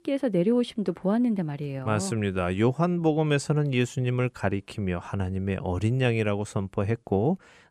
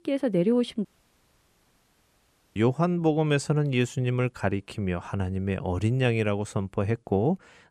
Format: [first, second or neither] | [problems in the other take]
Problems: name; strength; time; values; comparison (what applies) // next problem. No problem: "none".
first | audio cutting out; at 1 s for 1.5 s